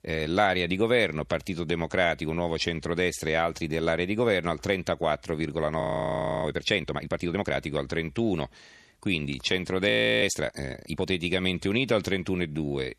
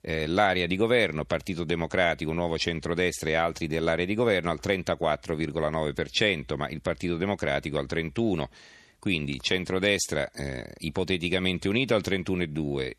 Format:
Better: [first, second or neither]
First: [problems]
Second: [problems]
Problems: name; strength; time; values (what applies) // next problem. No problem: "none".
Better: second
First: audio freezing; at 6 s for 0.5 s and at 10 s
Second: none